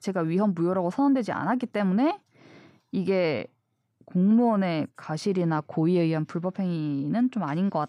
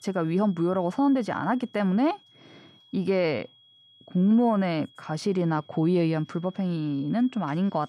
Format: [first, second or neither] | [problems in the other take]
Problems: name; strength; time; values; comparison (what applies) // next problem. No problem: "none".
first | high-pitched whine; faint; throughout; 3.5 kHz, 30 dB below the speech